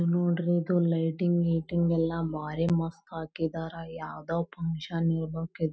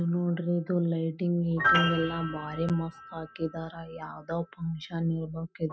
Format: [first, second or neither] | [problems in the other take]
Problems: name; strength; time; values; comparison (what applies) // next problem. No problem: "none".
first | background sound (Piano); 5 dB below the speech